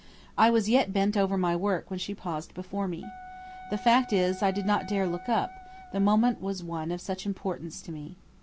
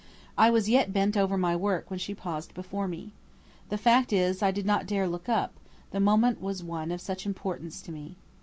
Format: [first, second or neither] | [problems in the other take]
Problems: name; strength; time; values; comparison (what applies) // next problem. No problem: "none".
second | background sound (Wind instrument, woodwind instrument); 16 dB below the speech